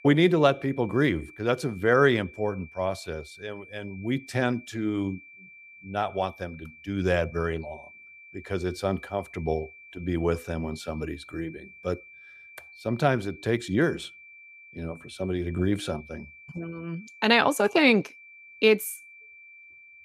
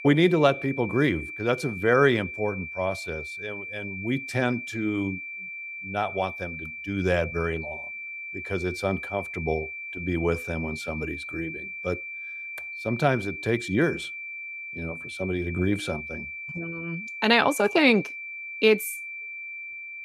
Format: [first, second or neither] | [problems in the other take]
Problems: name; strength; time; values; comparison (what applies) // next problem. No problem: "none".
first | high-pitched whine; loud; throughout; 2.5 kHz, 8 dB below the speech; faint in the first